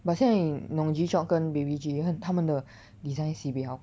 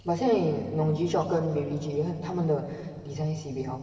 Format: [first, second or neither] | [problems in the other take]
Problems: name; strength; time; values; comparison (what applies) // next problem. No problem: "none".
first | room echo; dies away in 2.3 s